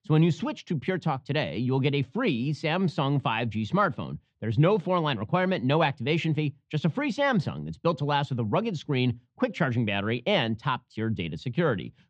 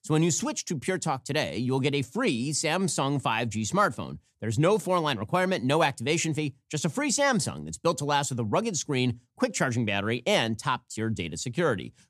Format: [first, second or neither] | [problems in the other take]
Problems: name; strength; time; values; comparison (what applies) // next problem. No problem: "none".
second | muffled; slightly; fading above 3.5 kHz